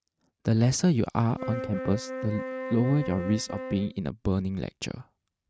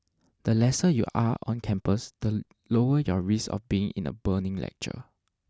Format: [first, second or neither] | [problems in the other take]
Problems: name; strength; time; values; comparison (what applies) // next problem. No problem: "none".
second | noise reduction (neural mask model RNNoise)